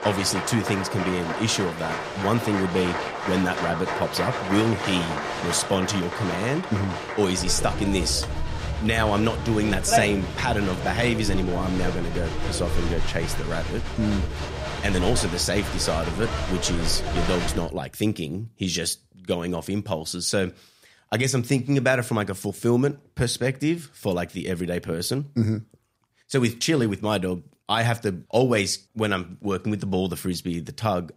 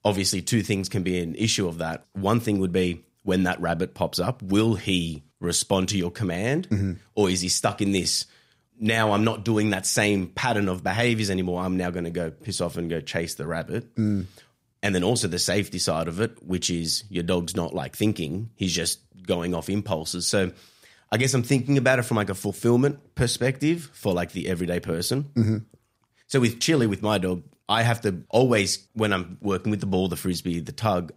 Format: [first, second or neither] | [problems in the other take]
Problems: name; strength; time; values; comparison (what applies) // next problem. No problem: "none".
second | crowd noise; loud; until 18 s; 4 dB below the speech